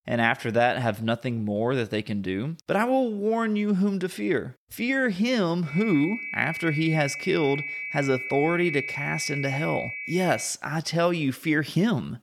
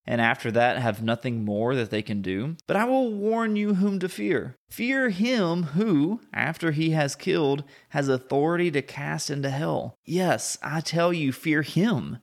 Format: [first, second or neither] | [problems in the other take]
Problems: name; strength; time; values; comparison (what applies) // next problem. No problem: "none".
second | high-pitched whine; loud; from 5.5 to 10 s; 2.5 kHz, 6 dB below the speech